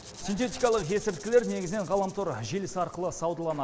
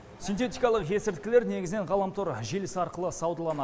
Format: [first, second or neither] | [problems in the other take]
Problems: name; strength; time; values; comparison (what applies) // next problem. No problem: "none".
second | background sound (Rattle (instrument)); 19 dB below the speech